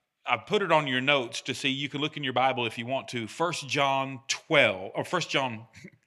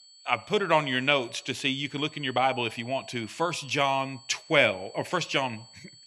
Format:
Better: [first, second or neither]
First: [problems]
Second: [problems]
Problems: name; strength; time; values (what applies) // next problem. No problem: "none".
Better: first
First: none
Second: high-pitched whine; faint; throughout; 4.5 kHz, 25 dB below the speech